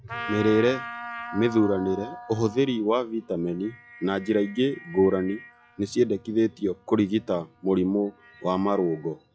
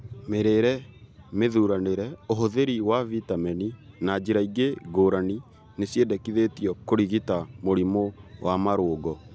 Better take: second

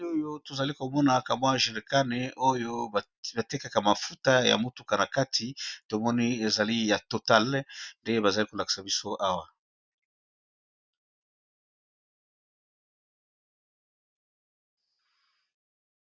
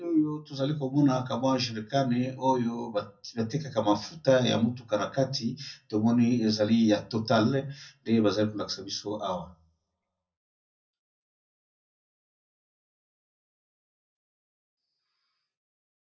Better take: first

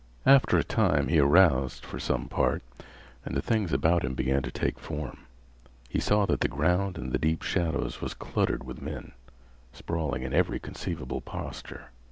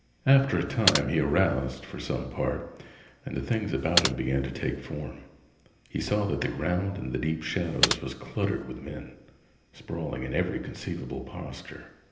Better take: first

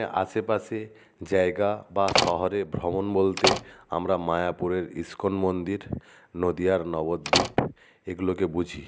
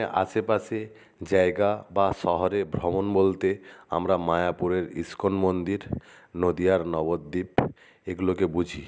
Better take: second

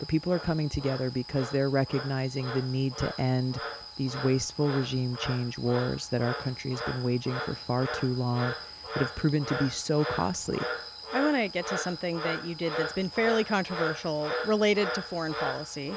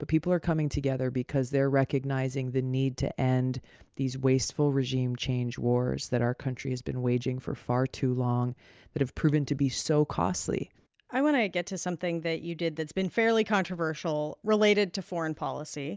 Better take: second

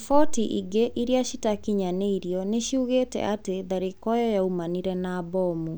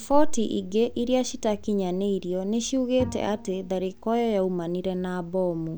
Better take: first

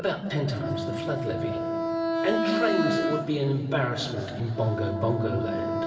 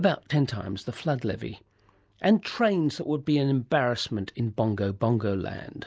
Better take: second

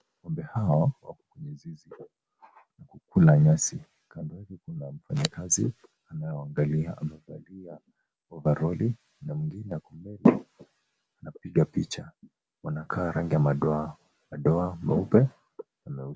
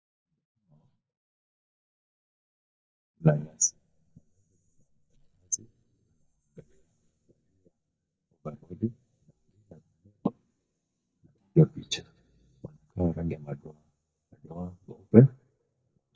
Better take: first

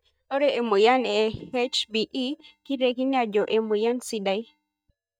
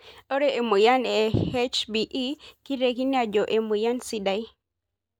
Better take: second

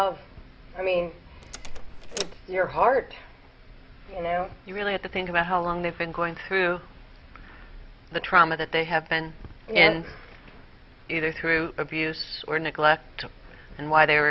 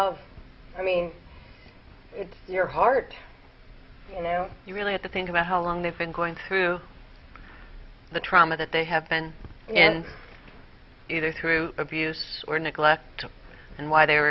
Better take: second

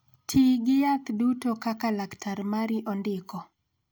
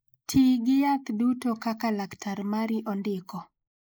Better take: first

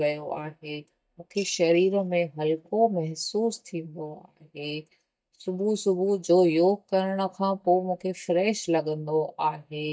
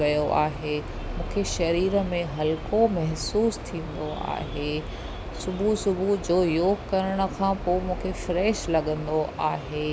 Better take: second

